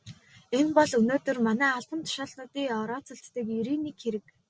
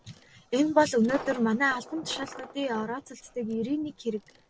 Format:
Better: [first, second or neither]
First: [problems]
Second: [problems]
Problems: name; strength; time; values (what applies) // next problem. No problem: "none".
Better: first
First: none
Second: background sound (Coin (dropping)); 17 dB below the speech